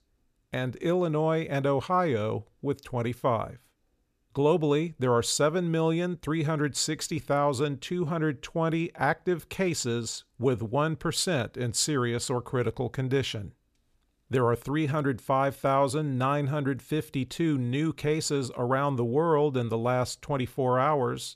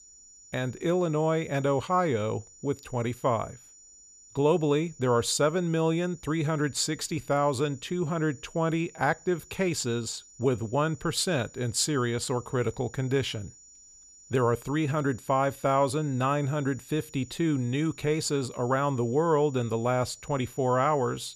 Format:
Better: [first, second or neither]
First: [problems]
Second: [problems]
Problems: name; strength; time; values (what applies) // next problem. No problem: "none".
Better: first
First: none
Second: high-pitched whine; faint; throughout; 7 kHz, 20 dB below the speech